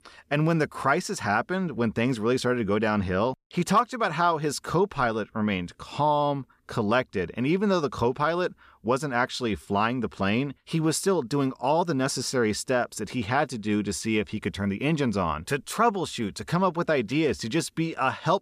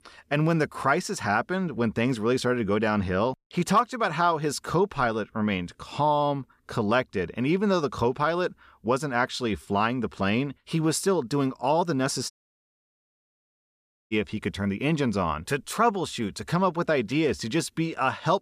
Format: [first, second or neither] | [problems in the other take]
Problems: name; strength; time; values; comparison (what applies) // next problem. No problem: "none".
first | audio cutting out; at 12 s for 2 s